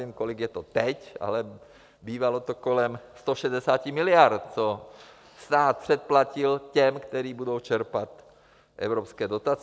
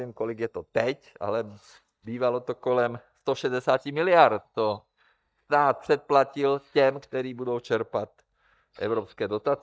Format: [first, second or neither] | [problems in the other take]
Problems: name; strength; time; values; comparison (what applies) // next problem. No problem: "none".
first | noise reduction (neural mask model DeepFilterNet 3)